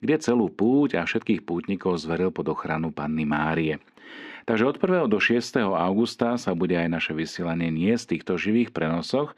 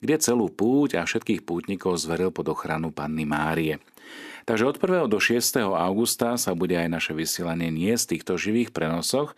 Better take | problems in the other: second | muffled; slightly; fading above 3 kHz

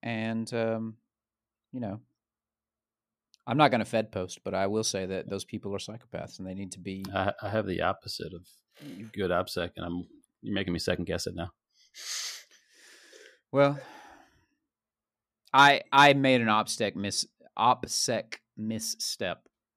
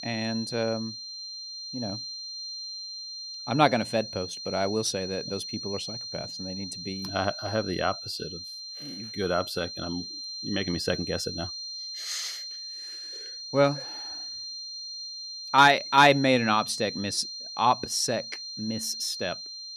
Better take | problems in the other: first | high-pitched whine; loud; throughout; 4 kHz, 9 dB below the speech

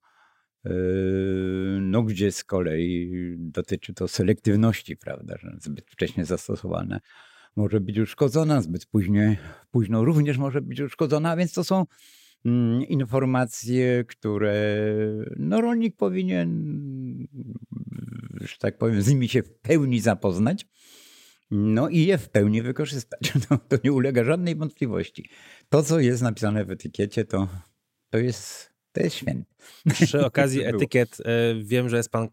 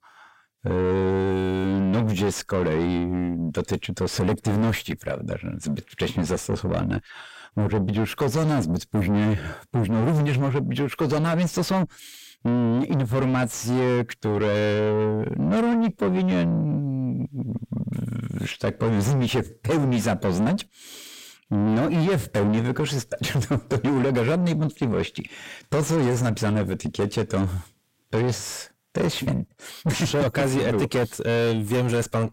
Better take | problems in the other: first | distortion; heavy; 6 dB below the speech

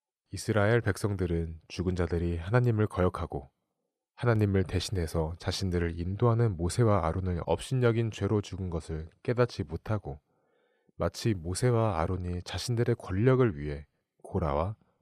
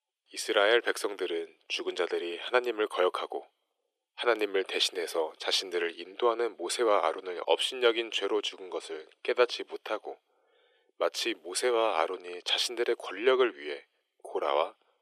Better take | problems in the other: first | thin; very; fading below 350 Hz

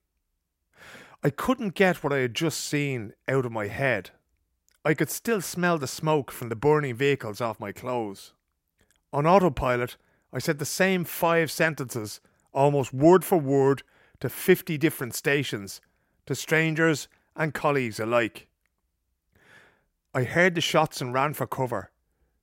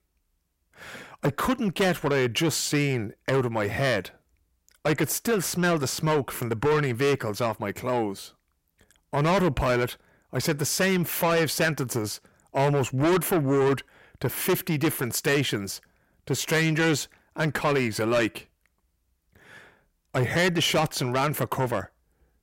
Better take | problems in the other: first | distortion; heavy; 6 dB below the speech

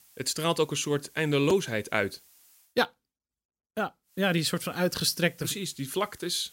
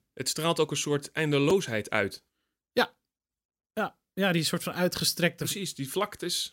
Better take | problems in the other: second | hiss; faint; until 2.5 s and from 4 s on; 25 dB below the speech

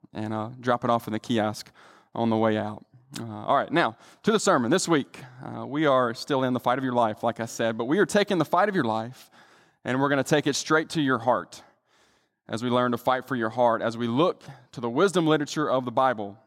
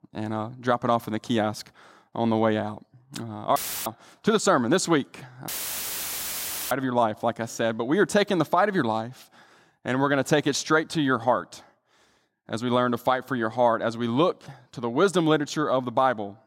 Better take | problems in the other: first | audio cutting out; filled with static; at 3.5 s and at 5.5 s for 1 s

